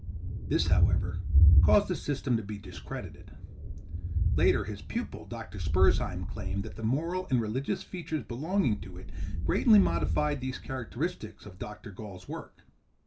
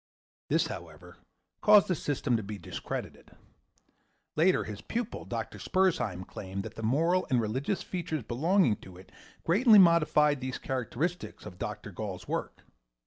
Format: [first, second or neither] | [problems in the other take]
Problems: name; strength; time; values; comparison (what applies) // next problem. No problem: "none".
second | background sound (Thunder); 2 dB above the speech // room echo; dies away in 0.2 s